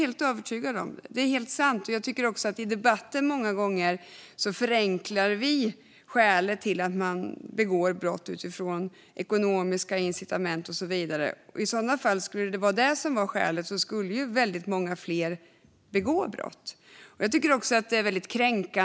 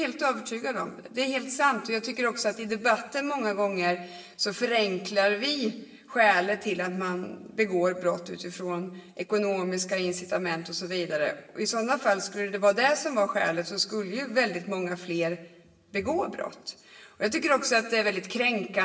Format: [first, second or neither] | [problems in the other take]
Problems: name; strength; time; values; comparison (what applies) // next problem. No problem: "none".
first | room echo; dies away in 0.8 s